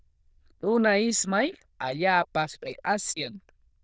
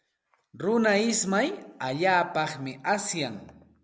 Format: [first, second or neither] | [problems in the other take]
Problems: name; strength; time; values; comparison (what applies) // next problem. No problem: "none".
second | noise reduction (neural diffusion model UNIVERSE++)